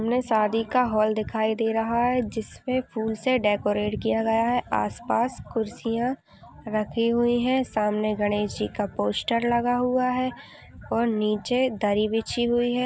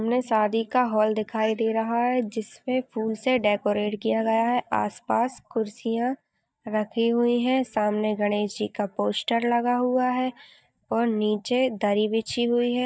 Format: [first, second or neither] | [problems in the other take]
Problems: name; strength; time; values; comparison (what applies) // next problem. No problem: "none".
first | noise reduction (neural mask model DeepFilterNet 3)